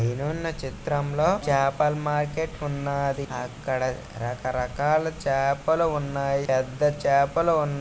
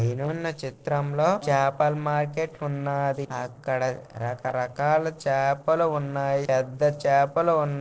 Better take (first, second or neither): first